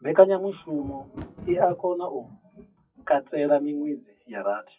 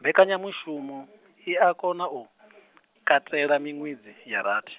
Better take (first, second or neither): second